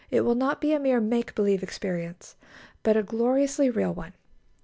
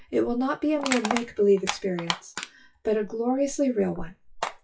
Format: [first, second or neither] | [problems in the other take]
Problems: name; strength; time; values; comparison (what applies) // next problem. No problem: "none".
first | noise reduction (classical method WPE with log-MMSE)